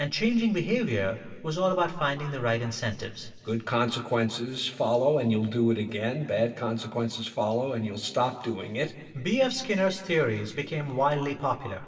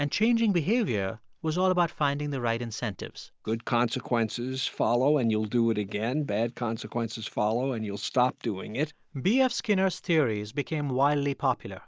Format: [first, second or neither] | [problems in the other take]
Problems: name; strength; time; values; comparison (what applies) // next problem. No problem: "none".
second | room echo; dies away in 1.8 s